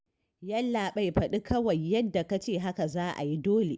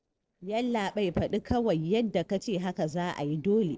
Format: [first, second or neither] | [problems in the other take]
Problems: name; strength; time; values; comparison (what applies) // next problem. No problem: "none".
first | noise reduction (neural separator model SepFormer DNS4)